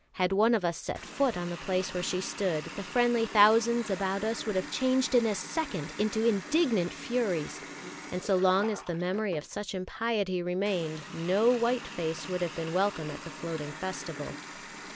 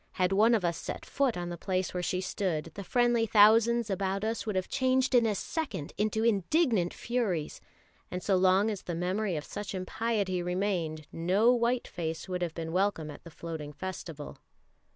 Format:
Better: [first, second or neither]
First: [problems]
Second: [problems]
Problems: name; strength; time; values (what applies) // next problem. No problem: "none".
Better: second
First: background sound (Water tap, faucet); 14 dB below the speech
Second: none